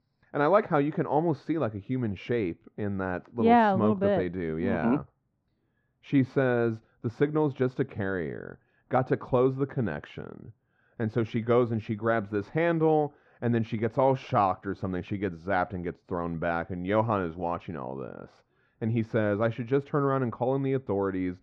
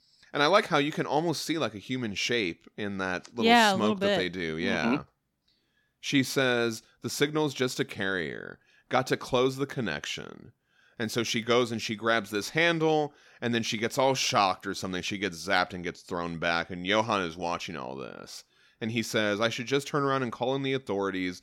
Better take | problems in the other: second | muffled; very; fading above 1 kHz

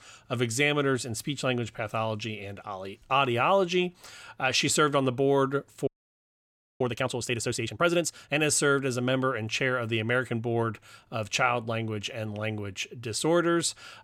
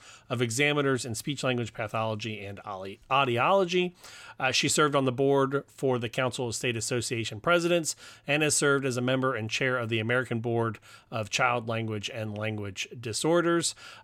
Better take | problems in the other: second | audio freezing; at 6 s for 1 s

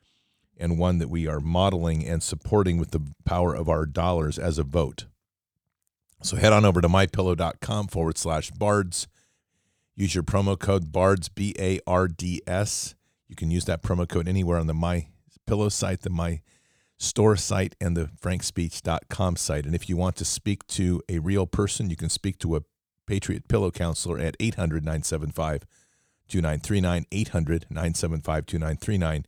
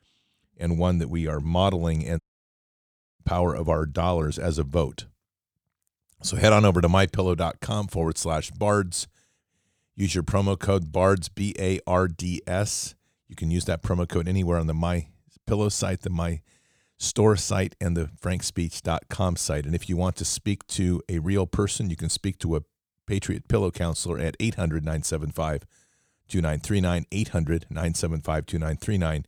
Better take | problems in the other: first | audio cutting out; at 2 s for 1 s

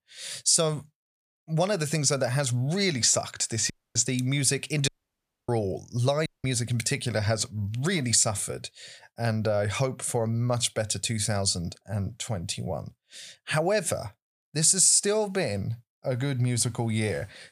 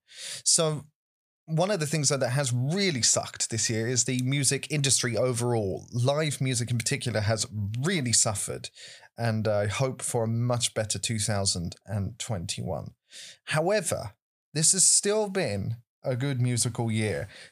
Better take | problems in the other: second | audio cutting out; at 3.5 s, at 5 s for 0.5 s and at 6.5 s

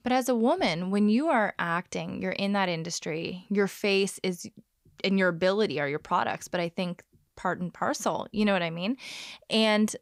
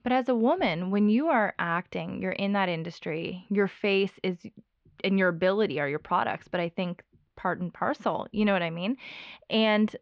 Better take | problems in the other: first | muffled; slightly; fading above 3.5 kHz

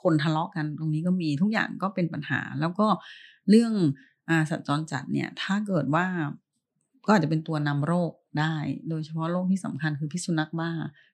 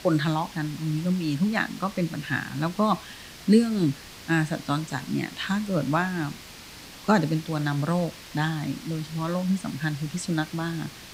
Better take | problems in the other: first | hiss; noticeable; throughout; 15 dB below the speech

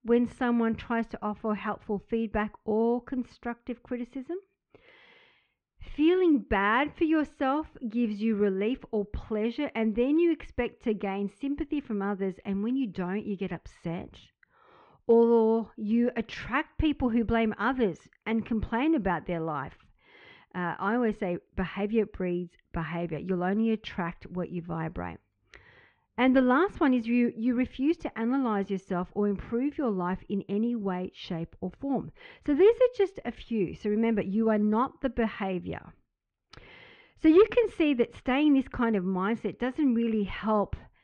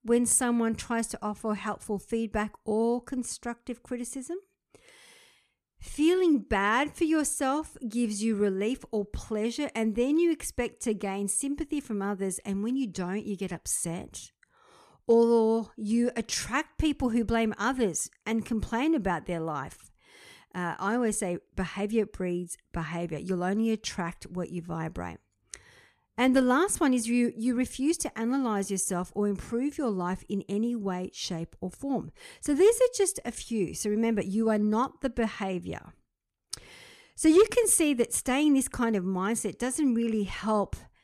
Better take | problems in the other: second | muffled; very; fading above 3 kHz

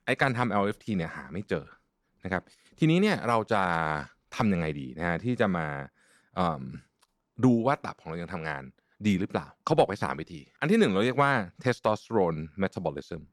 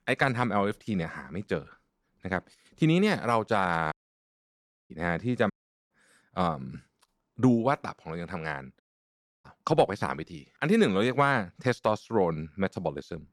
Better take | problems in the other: first | audio cutting out; at 4 s for 1 s, at 5.5 s and at 9 s for 0.5 s

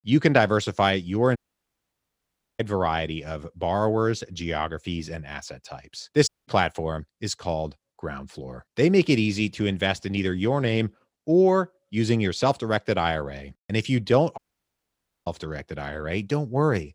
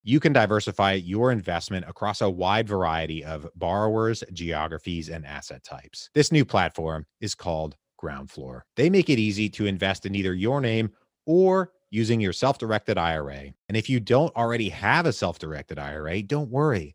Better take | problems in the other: second | audio cutting out; at 1.5 s for 1 s, at 6.5 s and at 14 s for 1 s

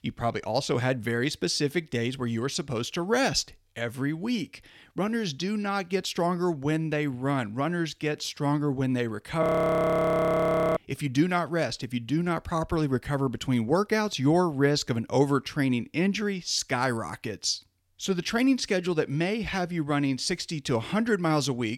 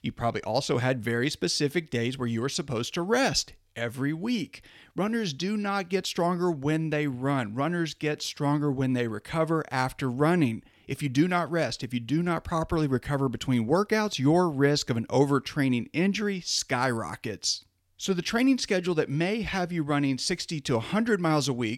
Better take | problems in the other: second | audio freezing; at 9.5 s for 1.5 s

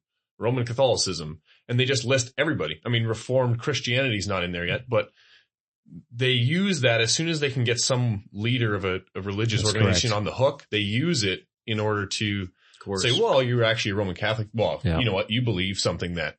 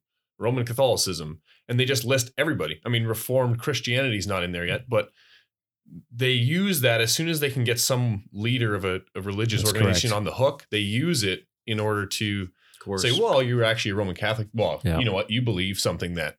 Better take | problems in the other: second | garbled, watery; slightly; nothing above 8 kHz

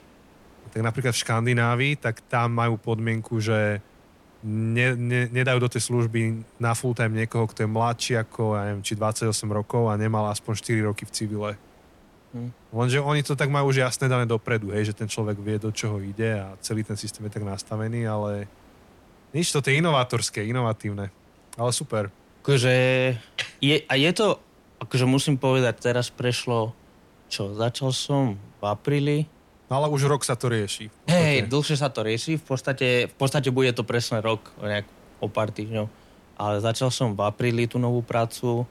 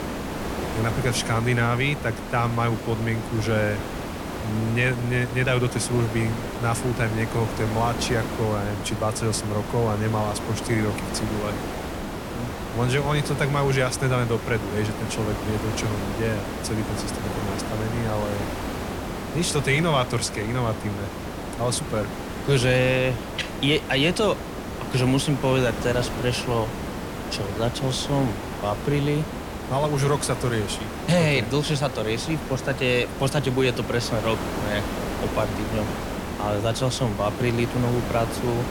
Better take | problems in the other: first | hiss; loud; throughout; 6 dB below the speech; faint in the first

